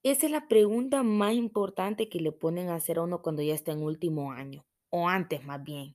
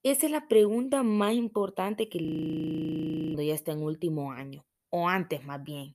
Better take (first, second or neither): first